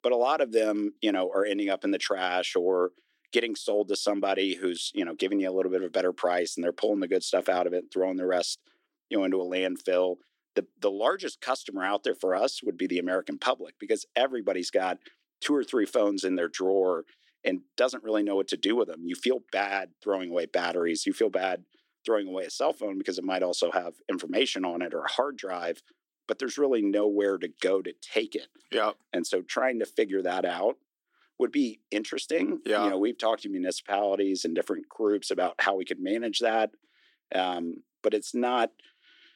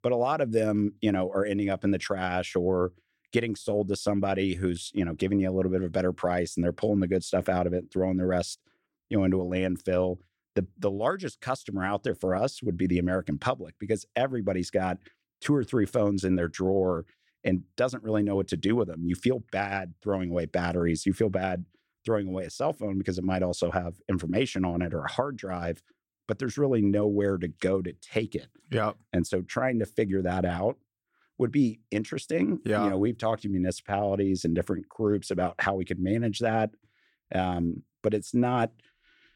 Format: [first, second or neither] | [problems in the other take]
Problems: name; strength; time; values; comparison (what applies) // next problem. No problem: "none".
second | thin; very slightly; fading below 300 Hz